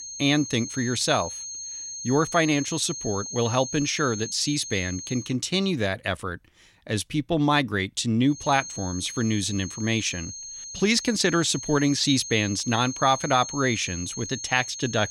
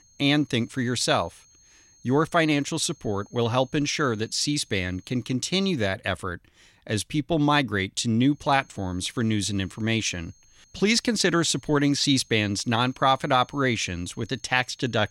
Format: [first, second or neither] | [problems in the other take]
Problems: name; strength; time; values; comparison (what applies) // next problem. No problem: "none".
second | high-pitched whine; loud; until 5.5 s and from 8.5 s on; 6.5 kHz, 9 dB below the speech; faint in the second